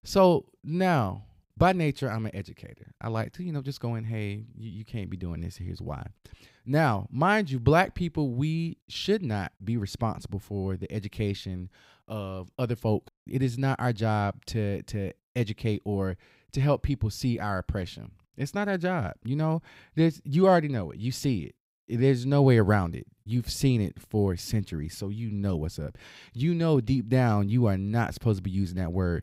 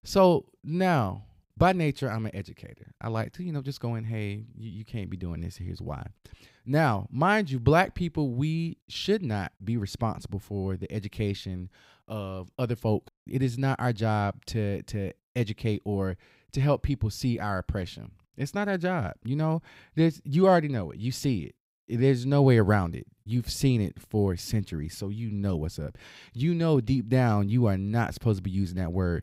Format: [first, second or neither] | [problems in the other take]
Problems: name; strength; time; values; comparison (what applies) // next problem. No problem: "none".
neither | none